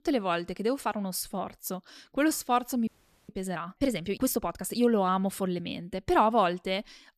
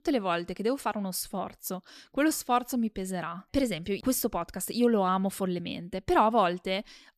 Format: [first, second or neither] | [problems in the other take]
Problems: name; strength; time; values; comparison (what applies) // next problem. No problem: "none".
second | audio freezing; at 3 s